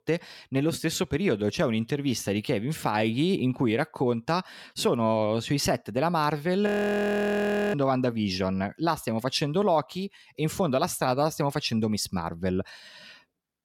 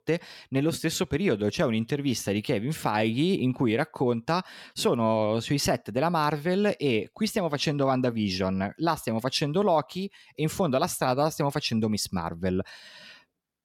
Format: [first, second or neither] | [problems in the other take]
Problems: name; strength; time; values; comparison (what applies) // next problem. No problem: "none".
second | audio freezing; at 6.5 s for 1 s